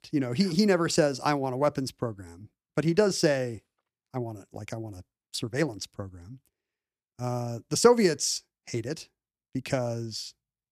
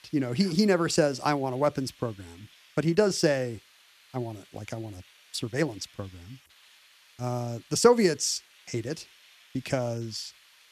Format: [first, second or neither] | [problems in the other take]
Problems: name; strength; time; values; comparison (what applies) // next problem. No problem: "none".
first | hiss; faint; throughout; 25 dB below the speech